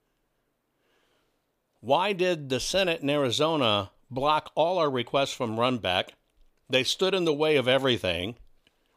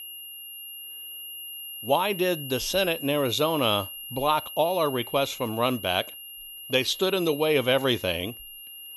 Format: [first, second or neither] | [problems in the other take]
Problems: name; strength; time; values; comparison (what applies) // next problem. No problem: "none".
first | high-pitched whine; noticeable; throughout; 3 kHz, 10 dB below the speech